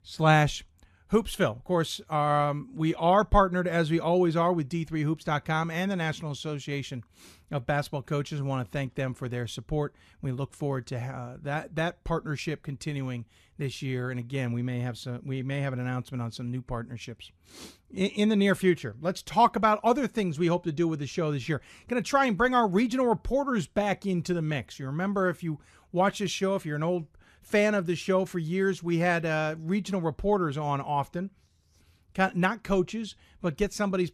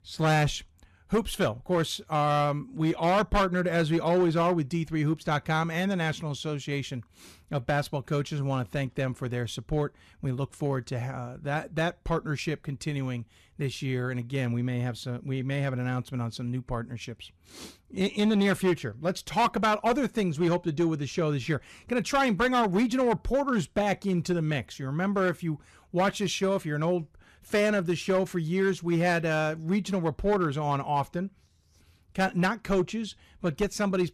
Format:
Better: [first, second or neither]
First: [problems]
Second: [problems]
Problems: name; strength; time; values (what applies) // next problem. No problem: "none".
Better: first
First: none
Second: distortion; slight; 5% of the sound clipped